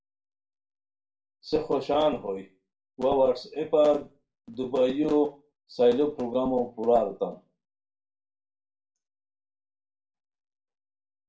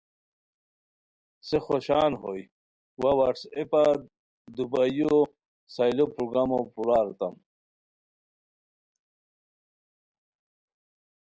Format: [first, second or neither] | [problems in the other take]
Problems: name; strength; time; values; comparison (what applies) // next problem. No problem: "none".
second | room echo; dies away in 0.3 s